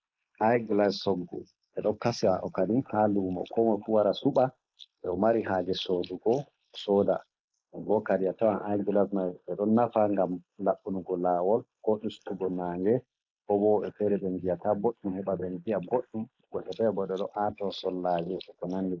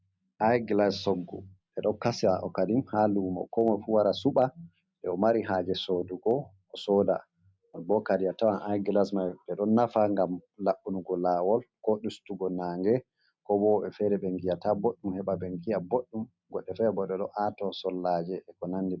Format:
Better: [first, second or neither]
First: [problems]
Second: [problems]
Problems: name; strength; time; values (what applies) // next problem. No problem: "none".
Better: second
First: noise reduction (neural mask model Resemble Enhance denoiser)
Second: none